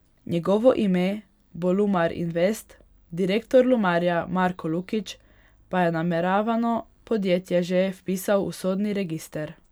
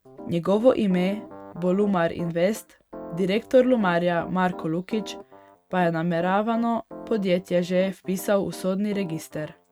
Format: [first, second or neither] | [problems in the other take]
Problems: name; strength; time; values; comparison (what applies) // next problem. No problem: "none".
first | noise reduction (neural mask model RNNoise)